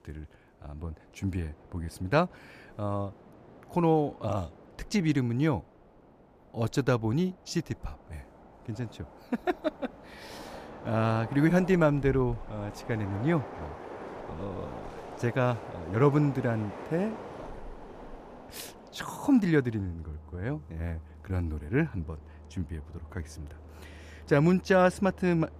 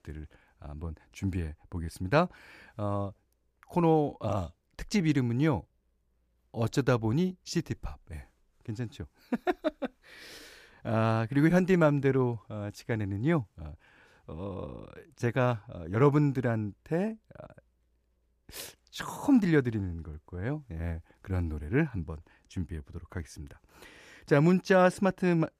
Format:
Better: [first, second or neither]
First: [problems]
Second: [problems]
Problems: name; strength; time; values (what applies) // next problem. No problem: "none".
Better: second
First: train or aircraft noise; noticeable; throughout; 15 dB below the speech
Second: none